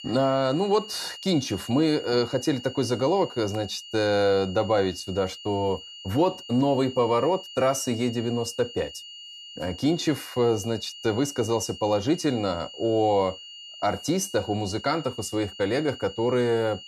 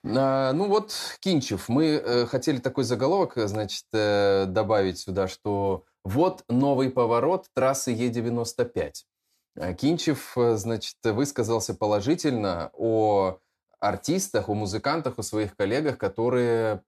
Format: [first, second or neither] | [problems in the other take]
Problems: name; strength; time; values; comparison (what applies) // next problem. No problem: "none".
second | high-pitched whine; noticeable; throughout; 3 kHz, 15 dB below the speech